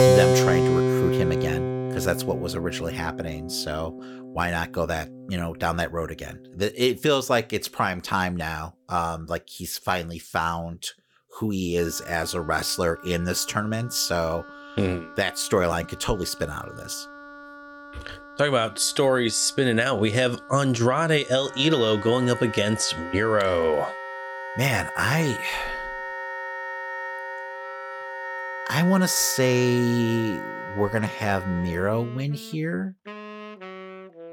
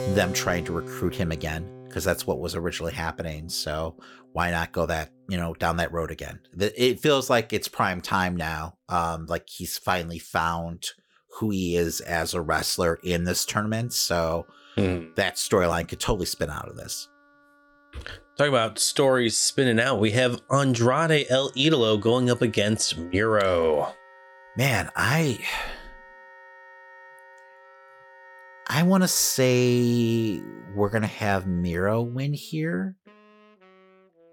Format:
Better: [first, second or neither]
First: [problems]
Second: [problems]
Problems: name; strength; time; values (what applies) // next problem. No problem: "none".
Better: second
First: background music; loud; throughout; 5 dB below the speech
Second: background music; faint; throughout; 20 dB below the speech